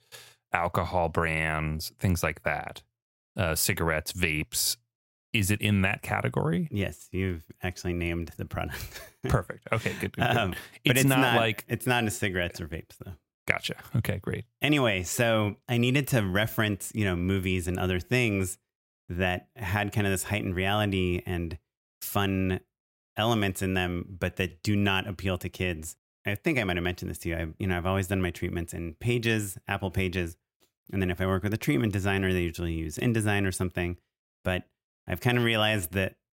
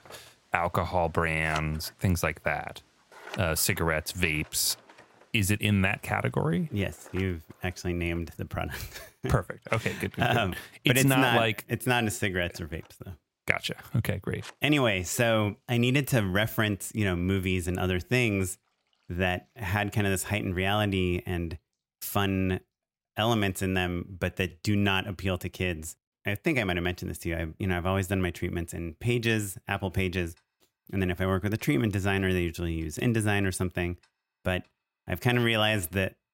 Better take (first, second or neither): first